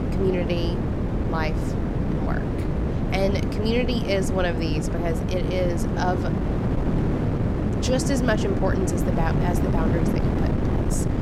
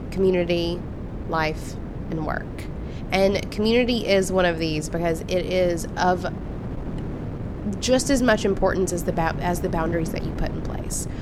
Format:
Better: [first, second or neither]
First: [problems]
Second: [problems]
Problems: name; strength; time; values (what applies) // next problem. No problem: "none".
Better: second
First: wind noise on the microphone; heavy; 2 dB below the speech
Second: wind noise on the microphone; occasional gusts; 15 dB below the speech